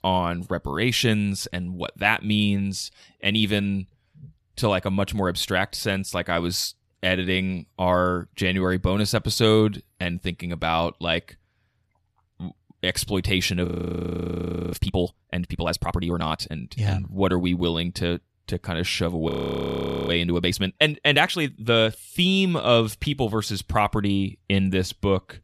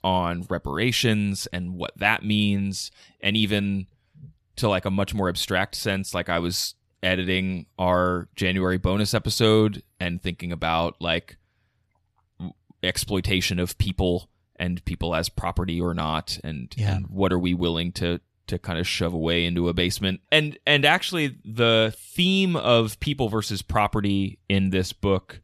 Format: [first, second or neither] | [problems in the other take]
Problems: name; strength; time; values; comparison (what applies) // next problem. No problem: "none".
second | audio freezing; at 14 s for 1 s and at 19 s for 1 s